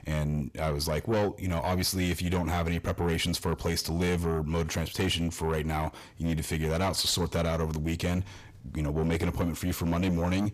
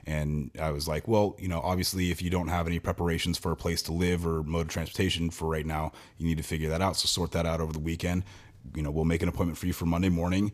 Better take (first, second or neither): second